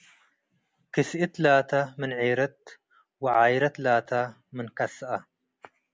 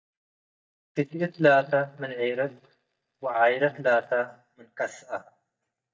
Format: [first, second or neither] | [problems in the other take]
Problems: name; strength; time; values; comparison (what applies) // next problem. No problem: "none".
first | noise reduction (neural mask model DeepFilterNet 3)